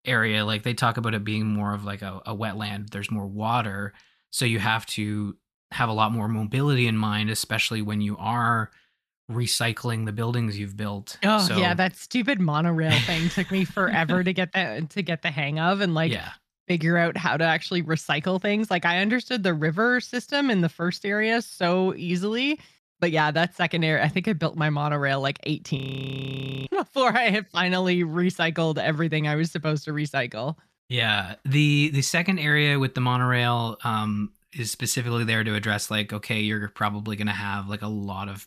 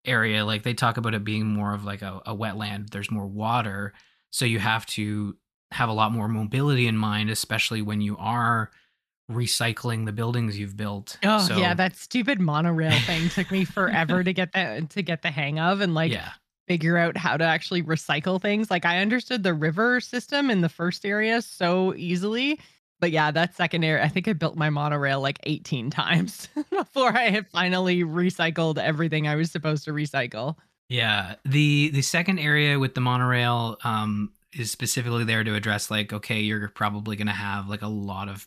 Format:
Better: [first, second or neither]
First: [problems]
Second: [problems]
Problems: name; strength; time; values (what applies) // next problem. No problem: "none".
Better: second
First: audio freezing; at 26 s for 1 s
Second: none